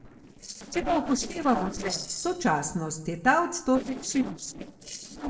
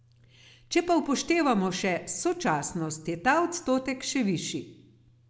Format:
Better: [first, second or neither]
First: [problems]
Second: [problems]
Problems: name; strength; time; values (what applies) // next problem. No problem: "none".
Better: second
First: noise reduction (neural separator model SepFormer DNS4)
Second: none